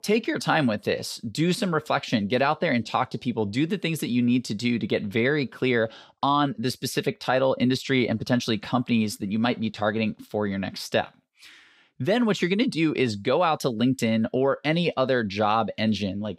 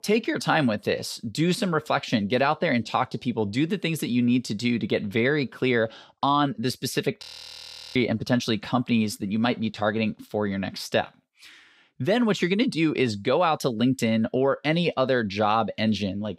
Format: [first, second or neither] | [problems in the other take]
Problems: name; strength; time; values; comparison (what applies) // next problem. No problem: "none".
first | audio freezing; at 7 s for 0.5 s